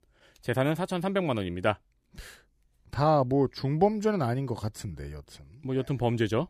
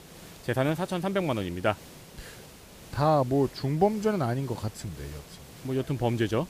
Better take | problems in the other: first | hiss; noticeable; throughout; 20 dB below the speech

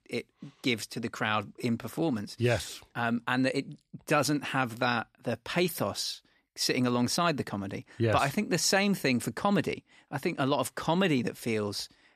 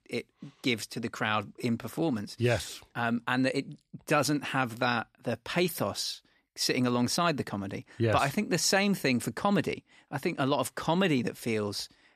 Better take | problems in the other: neither | none

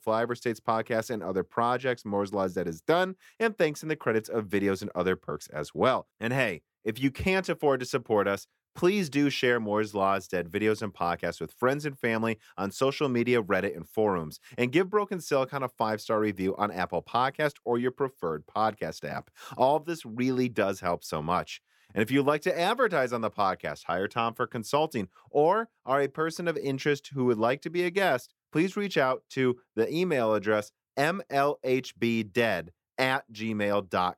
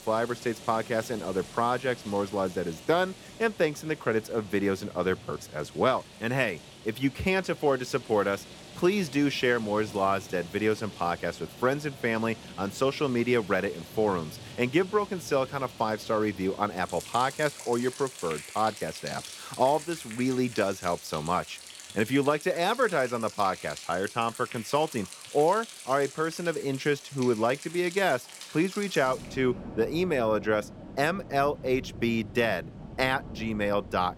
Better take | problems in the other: first | rain or running water; noticeable; throughout; 15 dB below the speech

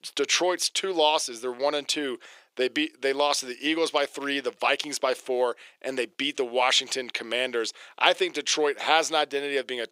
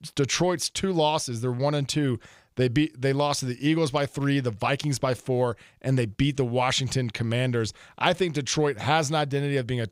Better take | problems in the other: second | thin; somewhat; fading below 350 Hz

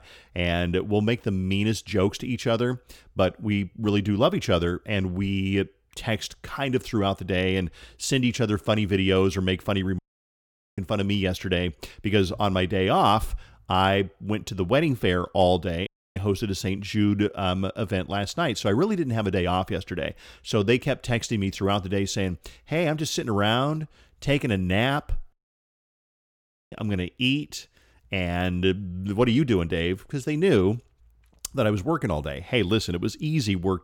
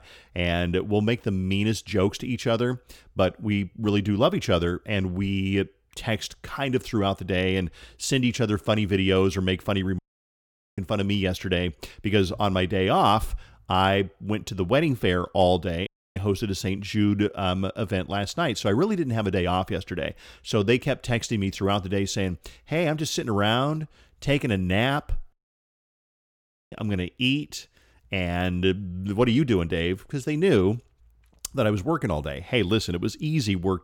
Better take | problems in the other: neither | audio cutting out; at 10 s for 1 s, at 16 s and at 25 s for 1.5 s; the same in both

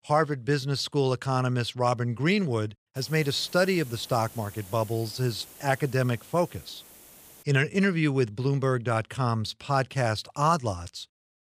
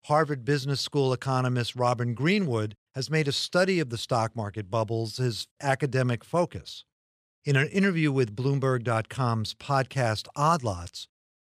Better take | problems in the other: second | hiss; noticeable; from 3 to 7.5 s; 20 dB below the speech

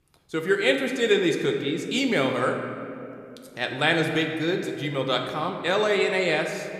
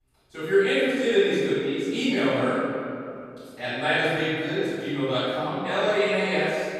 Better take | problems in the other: first | room echo; strong; dies away in 2.3 s; slight in the first // off-mic speech; far

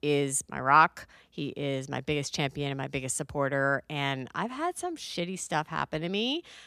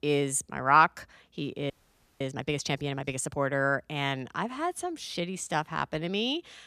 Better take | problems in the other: first | audio freezing; at 1.5 s for 0.5 s

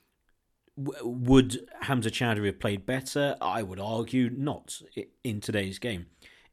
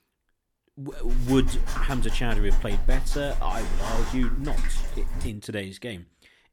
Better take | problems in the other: first | dog barking; loud; from 1 to 5.5 s; peak 1 dB above the speech

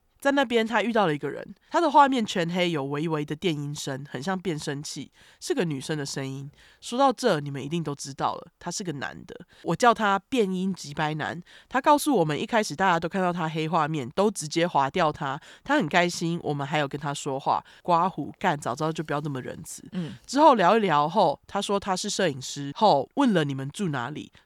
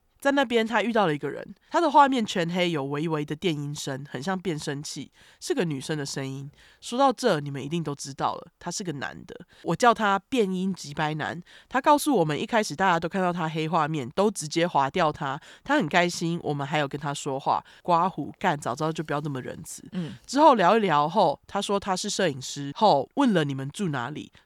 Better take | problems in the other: neither | none

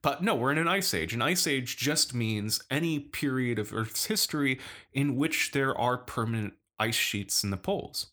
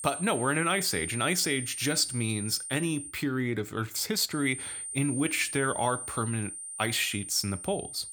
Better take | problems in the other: first | high-pitched whine; loud; until 3 s and from 4.5 s on; 9 kHz, 7 dB below the speech

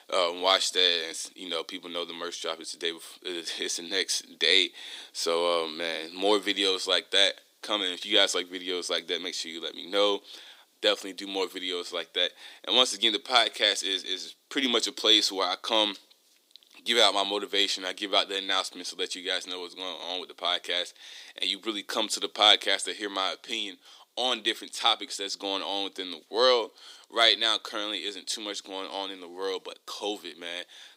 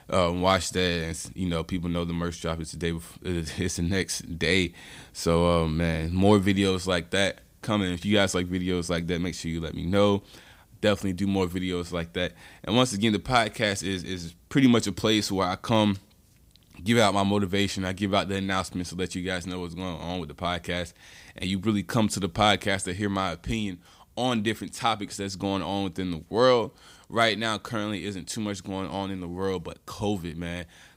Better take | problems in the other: second | thin; somewhat; fading below 300 Hz

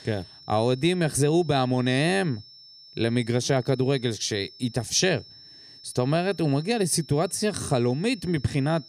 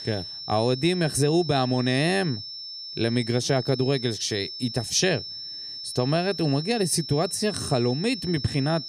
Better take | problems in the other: first | high-pitched whine; loud; throughout; 5.5 kHz, 9 dB below the speech; faint in the first

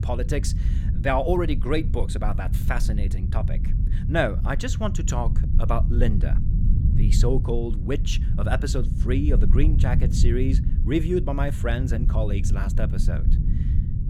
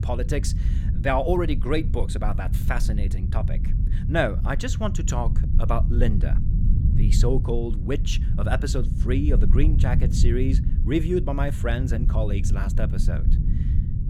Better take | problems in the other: neither | low rumble; loud; throughout; 10 dB below the speech; the same in both

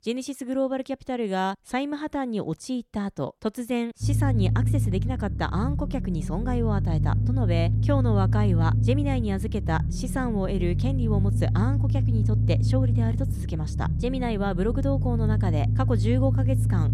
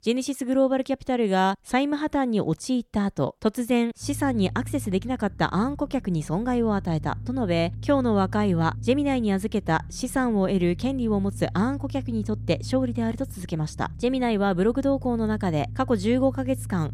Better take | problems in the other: second | low rumble; loud; from 4 s on; 7 dB below the speech; faint in the second

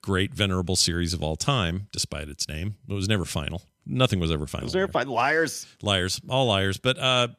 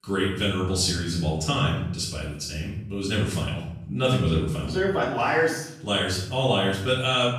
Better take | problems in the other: first | off-mic speech; far // room echo; noticeable; dies away in 0.7 s

